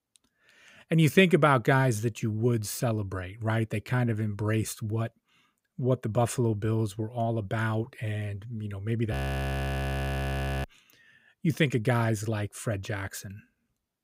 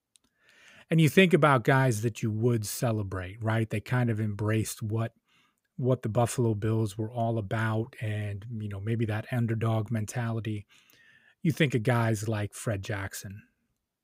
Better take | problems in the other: second | audio freezing; at 9 s for 1.5 s

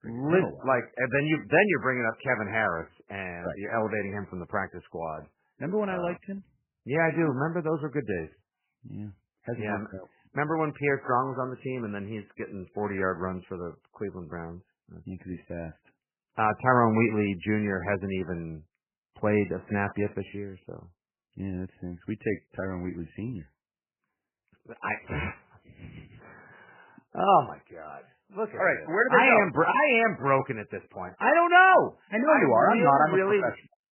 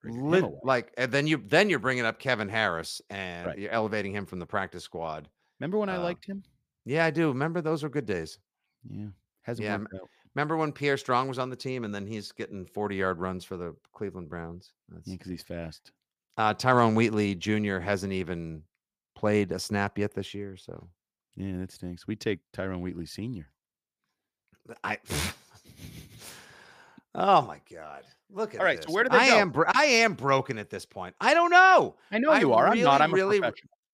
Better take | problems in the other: second | garbled, watery; badly; nothing above 3 kHz

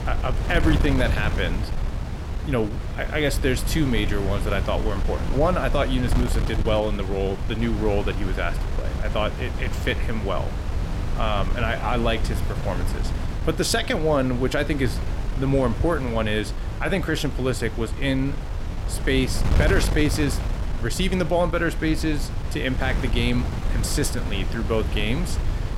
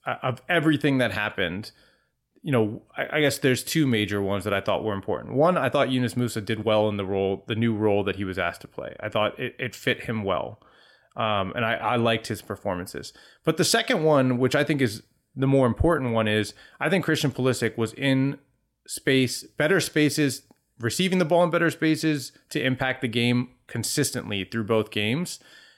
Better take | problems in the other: second | wind noise on the microphone; heavy; 10 dB below the speech

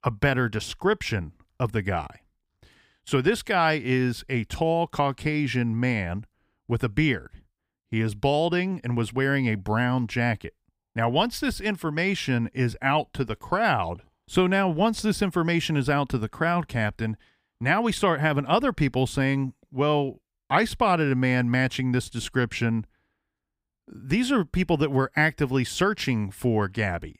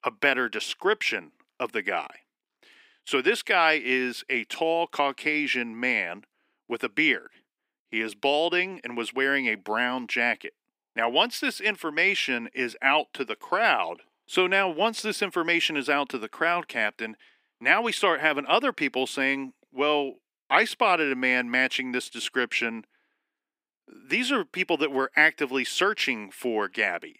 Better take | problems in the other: first | thin; somewhat; fading below 300 Hz

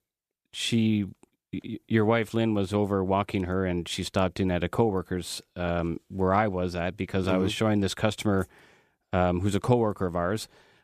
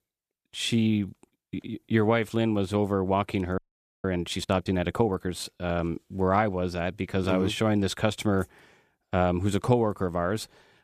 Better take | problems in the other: first | audio freezing; at 3.5 s

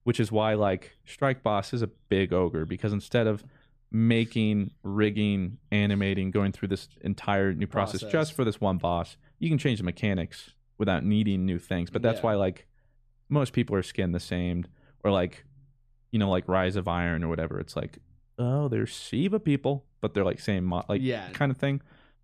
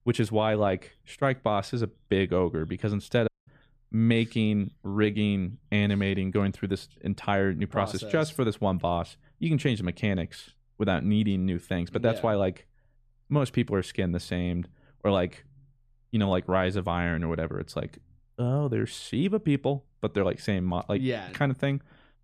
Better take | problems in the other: first | audio cutting out; at 3.5 s

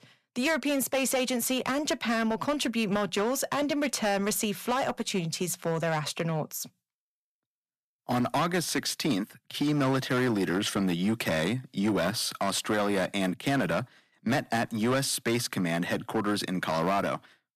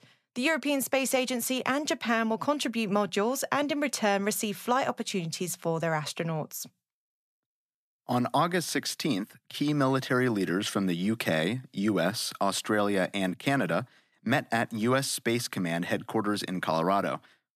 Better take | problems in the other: second | distortion; slight; 8% of the sound clipped

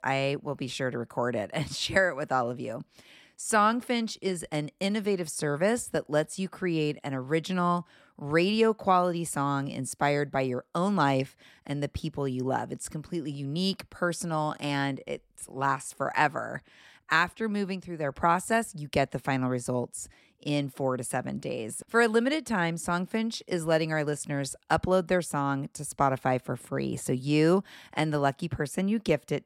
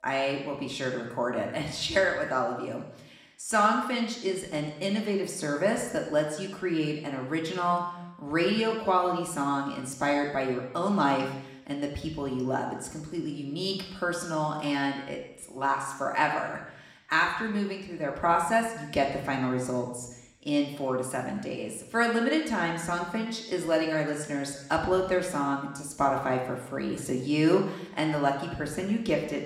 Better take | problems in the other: first | room echo; noticeable; dies away in 0.9 s // off-mic speech; somewhat distant

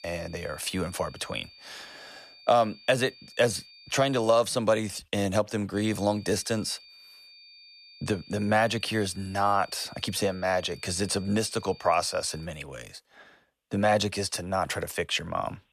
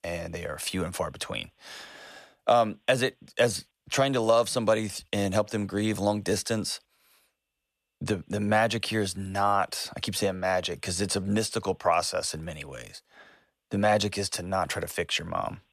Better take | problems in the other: second | high-pitched whine; faint; until 4.5 s and from 5.5 to 12 s; 4.5 kHz, 20 dB below the speech

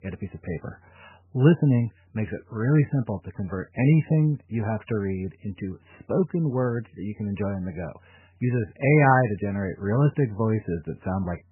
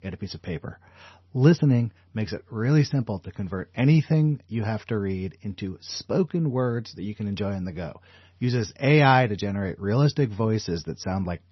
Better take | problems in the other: second | garbled, watery; badly; nothing above 2.5 kHz; slightly in the second

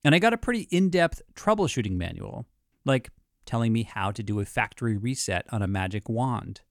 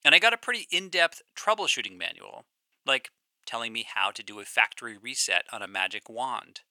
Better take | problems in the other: first | thin; very; fading below 800 Hz

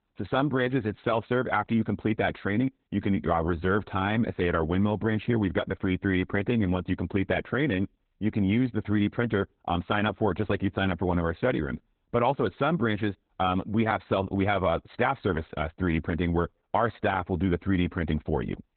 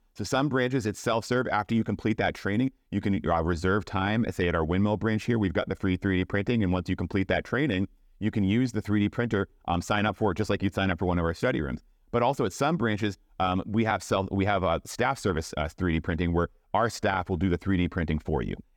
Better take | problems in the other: second | garbled, watery; badly; nothing above 3.5 kHz

